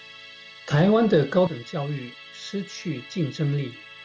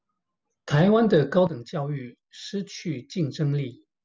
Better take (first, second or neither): second